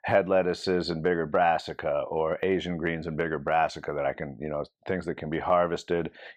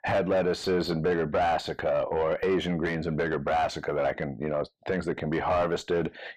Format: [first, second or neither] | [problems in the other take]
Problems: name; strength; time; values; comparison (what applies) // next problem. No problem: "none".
first | distortion; heavy; 8 dB below the speech